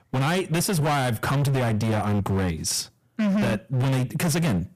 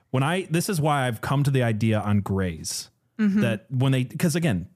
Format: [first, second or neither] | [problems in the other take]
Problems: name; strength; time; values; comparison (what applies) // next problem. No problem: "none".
second | distortion; heavy; 32% of the sound clipped